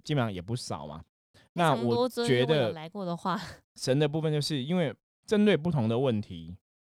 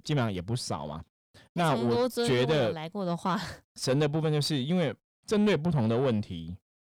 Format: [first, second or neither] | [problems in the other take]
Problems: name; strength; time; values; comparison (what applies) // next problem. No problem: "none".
first | distortion; slight; 10 dB below the speech